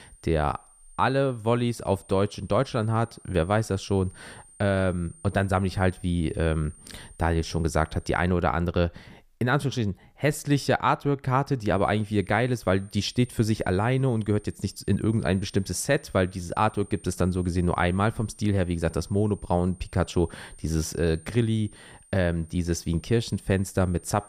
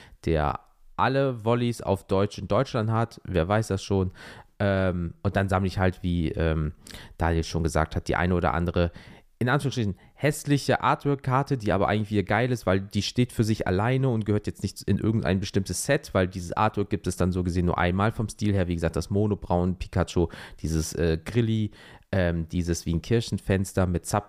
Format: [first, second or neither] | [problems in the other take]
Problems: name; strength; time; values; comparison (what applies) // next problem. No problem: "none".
second | high-pitched whine; faint; until 8.5 s and from 12 s on; 9 kHz, 25 dB below the speech